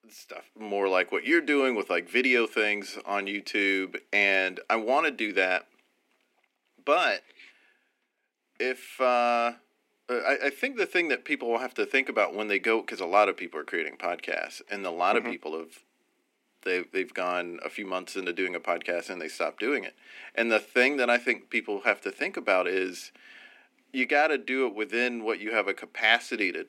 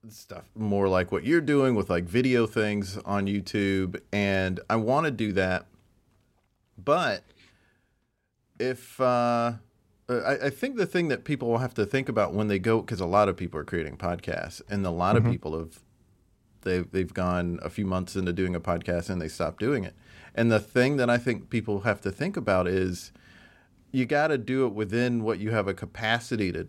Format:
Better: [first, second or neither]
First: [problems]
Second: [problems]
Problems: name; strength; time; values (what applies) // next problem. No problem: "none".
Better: second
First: thin; somewhat; fading below 250 Hz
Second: none